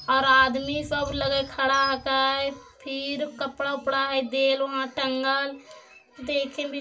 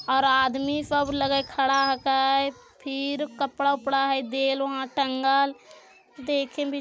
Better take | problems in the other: second | room echo; dies away in 0.2 s

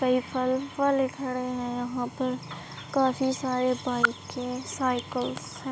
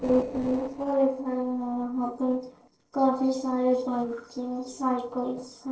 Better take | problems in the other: first | noise reduction (neural separator model SepFormer DNS4)

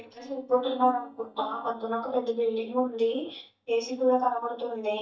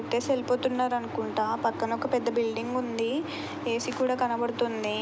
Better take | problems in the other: second | noise reduction (neural mask model DeepFilterNet 3)

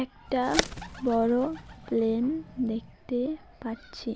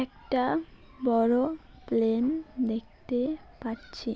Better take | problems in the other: second | background sound (Bird); 8 dB below the speech

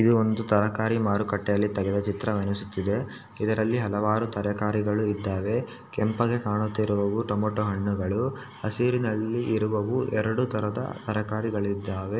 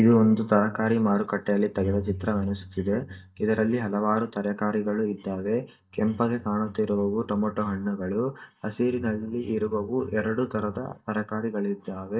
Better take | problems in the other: first | noise reduction (neural mask model DeepFilterNet 3)

